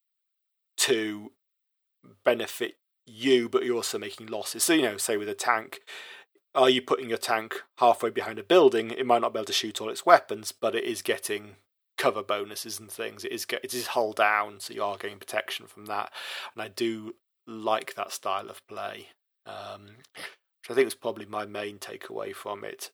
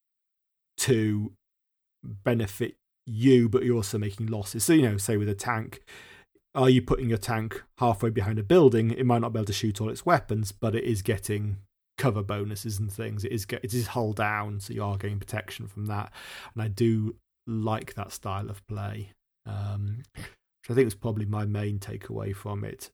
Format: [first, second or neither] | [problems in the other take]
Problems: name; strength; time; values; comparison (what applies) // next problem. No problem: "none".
second | thin; very; fading below 500 Hz